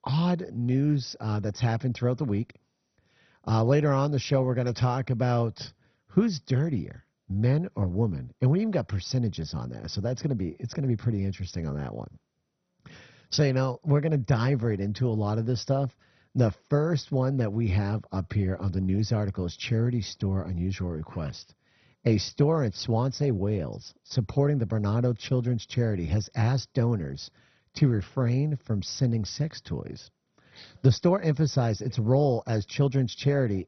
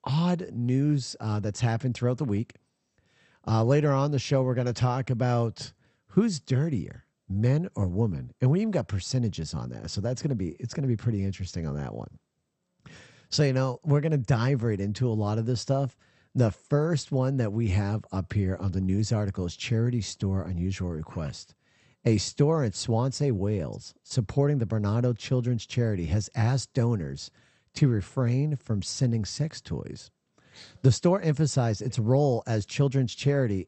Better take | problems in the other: second | garbled, watery; badly; nothing above 6 kHz; slightly in the second

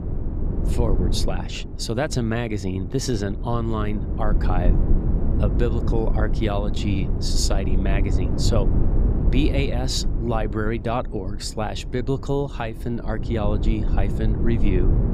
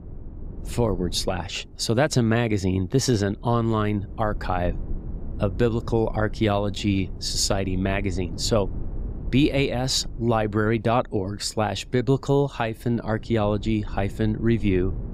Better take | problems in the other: second | low rumble; loud; throughout; 8 dB below the speech; faint in the second

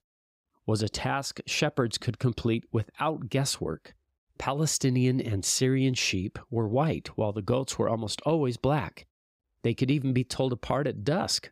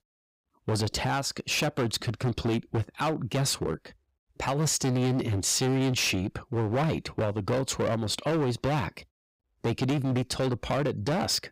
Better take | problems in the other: first | distortion; heavy; 18% of the sound clipped

